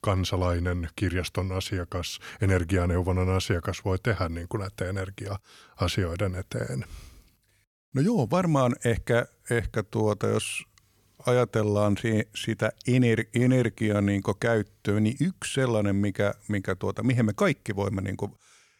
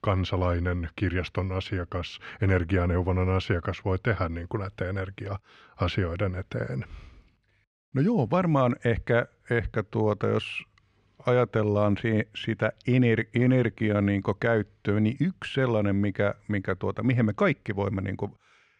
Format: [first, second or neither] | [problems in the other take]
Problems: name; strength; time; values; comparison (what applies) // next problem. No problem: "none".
first | muffled; slightly; fading above 2.5 kHz